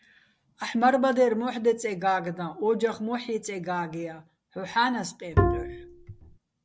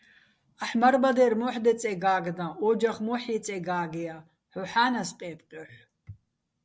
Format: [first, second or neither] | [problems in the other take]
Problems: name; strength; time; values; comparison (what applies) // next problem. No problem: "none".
second | background sound (Bowed string instrument); 1 dB above the speech